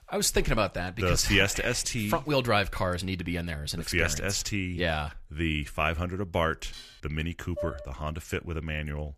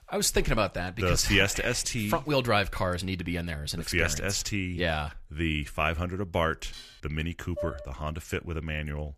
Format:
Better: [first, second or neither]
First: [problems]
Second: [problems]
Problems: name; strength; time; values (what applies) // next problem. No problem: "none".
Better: neither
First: clattering dishes; faint; at 6.5 s; peak 15 dB below the speech // clattering dishes; noticeable; at 7.5 s; peak 9 dB below the speech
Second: clattering dishes; faint; at 6.5 s; peak 15 dB below the speech // clattering dishes; noticeable; at 7.5 s; peak 9 dB below the speech